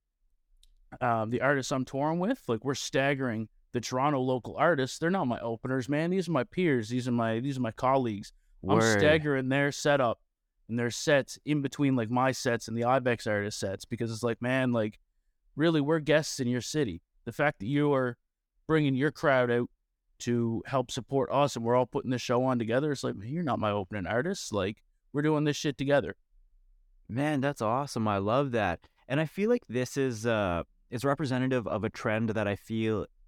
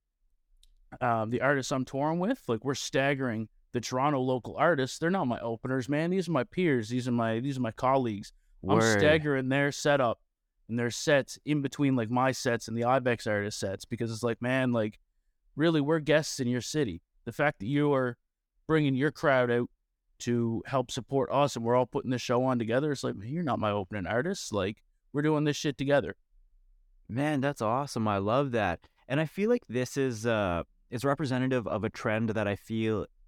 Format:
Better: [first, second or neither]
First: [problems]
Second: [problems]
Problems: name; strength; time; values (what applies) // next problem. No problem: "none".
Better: neither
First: none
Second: none